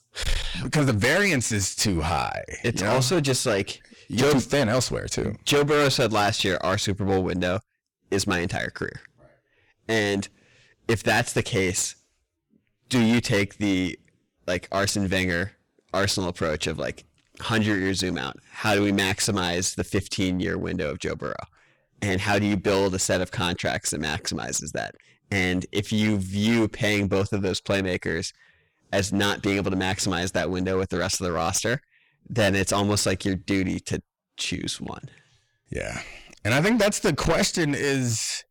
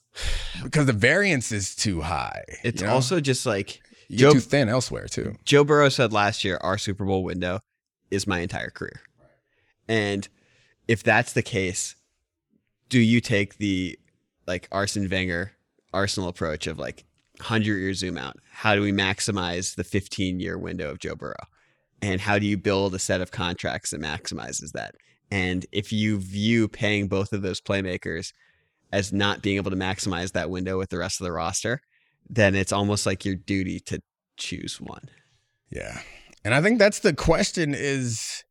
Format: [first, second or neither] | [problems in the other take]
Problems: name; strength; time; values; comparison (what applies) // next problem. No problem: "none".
second | distortion; heavy; 10% of the sound clipped